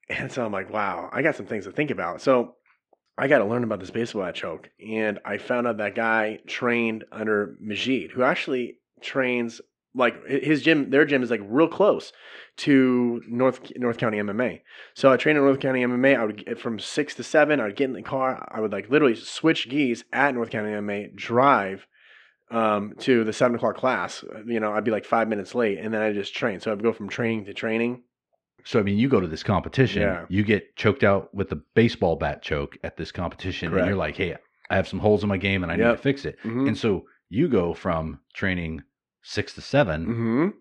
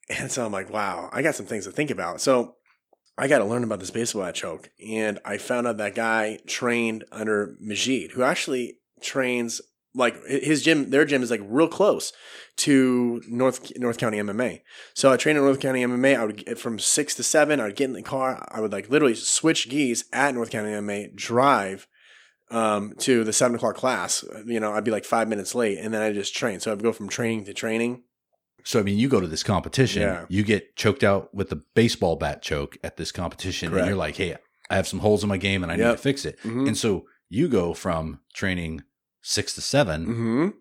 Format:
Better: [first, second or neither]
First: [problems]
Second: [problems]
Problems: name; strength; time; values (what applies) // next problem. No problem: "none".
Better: second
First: muffled; slightly; fading above 2.5 kHz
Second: none